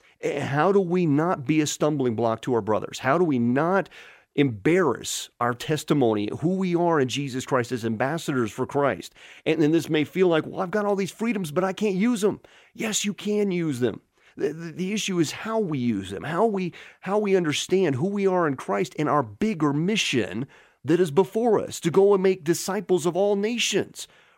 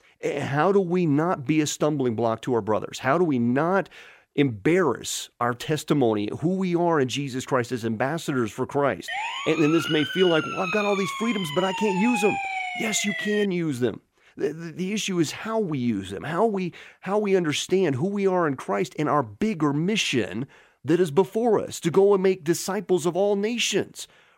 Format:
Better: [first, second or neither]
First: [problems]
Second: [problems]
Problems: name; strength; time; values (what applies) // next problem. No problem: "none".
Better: first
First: none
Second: siren; noticeable; from 9 to 13 s; peak 2 dB below the speech